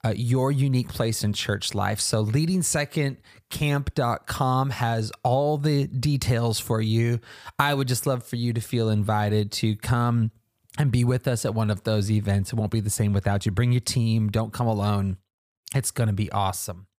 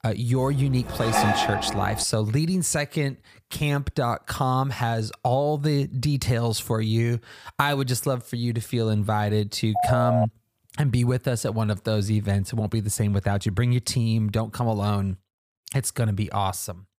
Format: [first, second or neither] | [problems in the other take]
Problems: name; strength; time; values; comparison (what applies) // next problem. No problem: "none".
first | clattering dishes; loud; from 0.5 to 2 s; peak 2 dB above the speech // phone ringing; loud; at 10 s; peak 1 dB above the speech